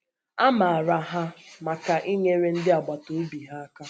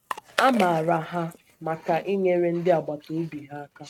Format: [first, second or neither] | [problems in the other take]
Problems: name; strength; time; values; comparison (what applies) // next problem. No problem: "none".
first | noise reduction (neural mask model RNNoise)